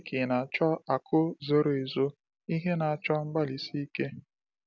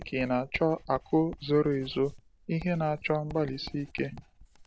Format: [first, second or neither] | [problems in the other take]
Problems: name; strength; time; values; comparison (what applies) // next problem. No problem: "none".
first | background sound (Writing); 18 dB below the speech